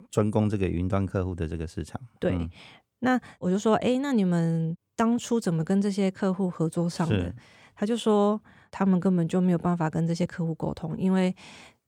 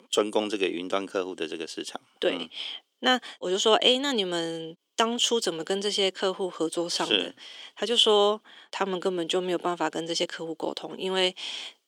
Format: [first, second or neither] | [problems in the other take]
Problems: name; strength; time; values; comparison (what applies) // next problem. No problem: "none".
first | thin; somewhat; fading below 300 Hz